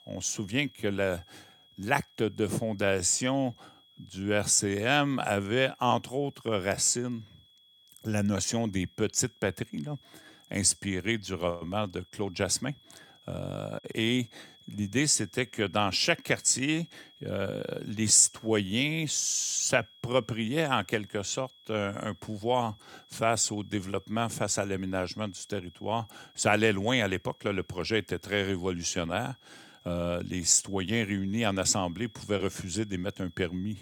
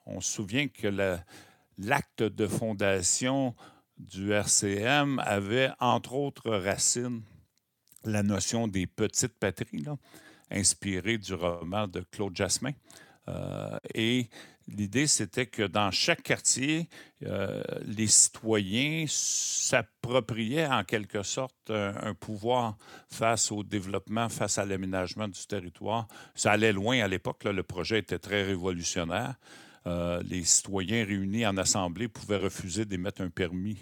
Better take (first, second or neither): second